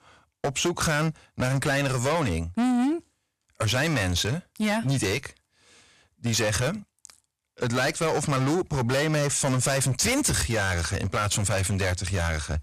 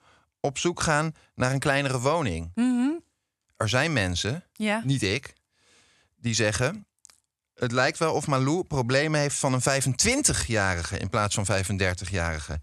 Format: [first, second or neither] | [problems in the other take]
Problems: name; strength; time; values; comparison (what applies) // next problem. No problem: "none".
second | distortion; heavy; 17% of the sound clipped